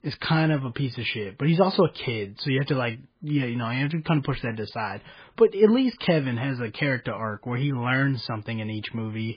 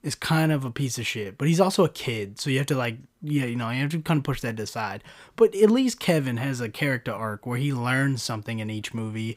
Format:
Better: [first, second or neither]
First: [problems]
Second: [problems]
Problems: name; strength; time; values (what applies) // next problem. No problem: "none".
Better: second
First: garbled, watery; badly; nothing above 5 kHz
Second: none